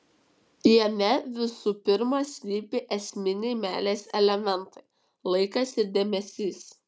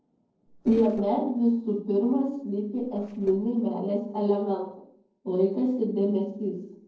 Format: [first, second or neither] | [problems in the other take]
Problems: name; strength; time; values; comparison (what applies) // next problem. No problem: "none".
first | noise reduction (neural separator model SepFormer DNS4)